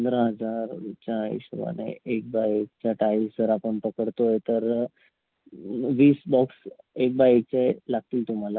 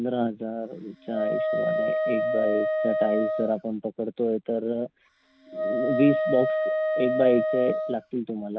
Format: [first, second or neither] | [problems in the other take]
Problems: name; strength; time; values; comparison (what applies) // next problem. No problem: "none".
first | background sound (Wind instrument, woodwind instrument); as loud as the speech